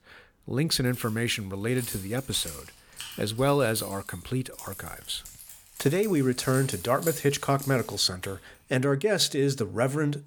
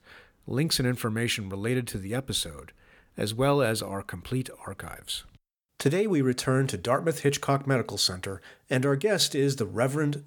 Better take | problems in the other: second | jangling keys; noticeable; from 1 to 8.5 s; peak 8 dB below the speech

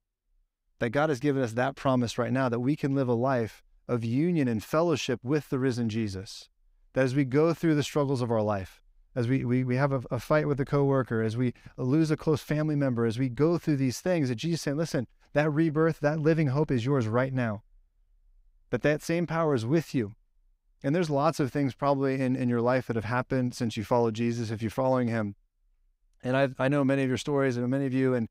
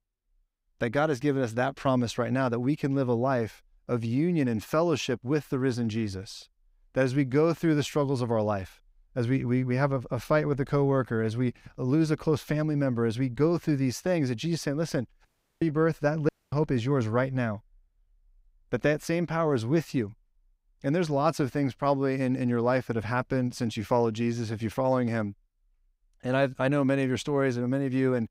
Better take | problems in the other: first | audio cutting out; at 15 s and at 16 s

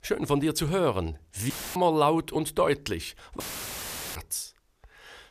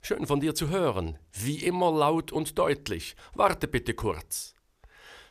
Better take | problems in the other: second | audio cutting out; filled with static; at 1.5 s and at 3.5 s for 1 s

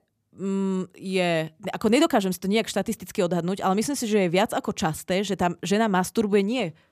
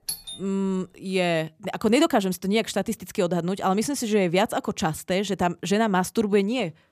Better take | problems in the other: first | doorbell; noticeable; at the start; peak 7 dB below the speech

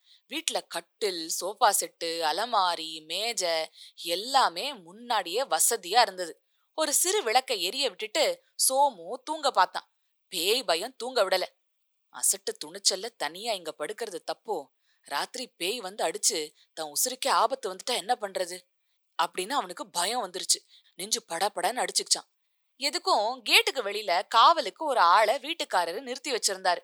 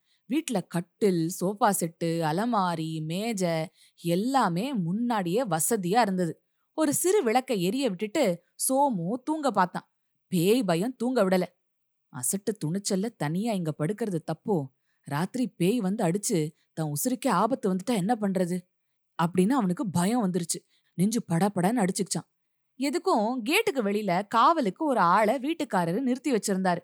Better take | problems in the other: second | thin; very; fading below 500 Hz

